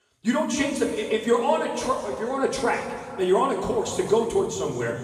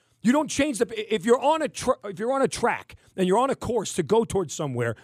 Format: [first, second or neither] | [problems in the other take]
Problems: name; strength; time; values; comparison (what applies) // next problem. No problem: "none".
second | room echo; noticeable; dies away in 2 s // off-mic speech; far